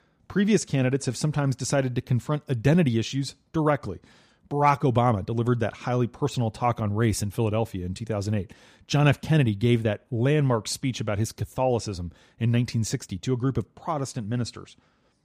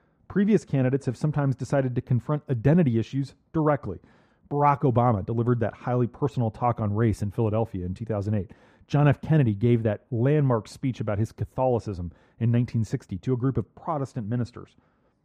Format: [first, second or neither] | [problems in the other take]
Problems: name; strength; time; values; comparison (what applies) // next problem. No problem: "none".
first | muffled; slightly; fading above 2.5 kHz